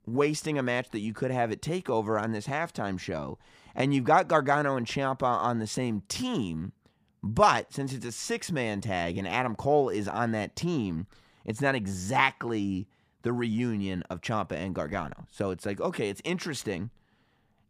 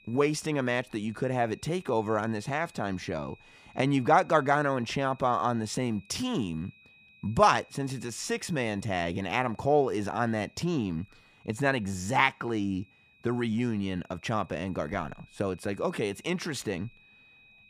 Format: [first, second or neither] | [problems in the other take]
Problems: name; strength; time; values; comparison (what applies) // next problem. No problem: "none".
first | high-pitched whine; faint; throughout; 2.5 kHz, 30 dB below the speech